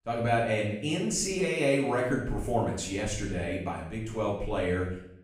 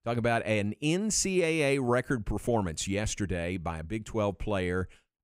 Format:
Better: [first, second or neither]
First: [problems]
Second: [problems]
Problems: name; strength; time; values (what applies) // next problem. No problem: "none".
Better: second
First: room echo; noticeable; dies away in 0.6 s // off-mic speech; far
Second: none